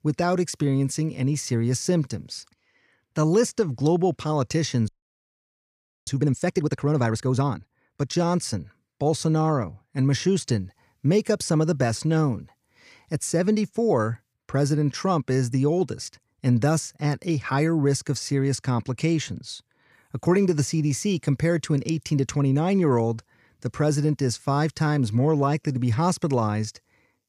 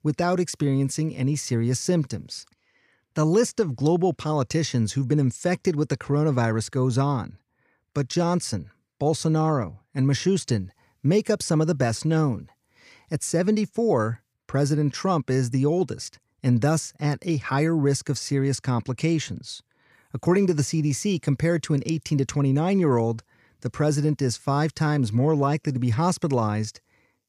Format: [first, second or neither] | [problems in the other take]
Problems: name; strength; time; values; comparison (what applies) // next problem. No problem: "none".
second | audio freezing; at 5 s for 1 s